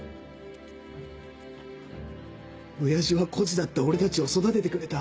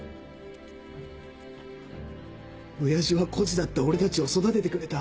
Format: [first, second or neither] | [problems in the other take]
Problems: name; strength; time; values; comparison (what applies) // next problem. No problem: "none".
first | background sound (Motorcycle / Engine); 19 dB below the speech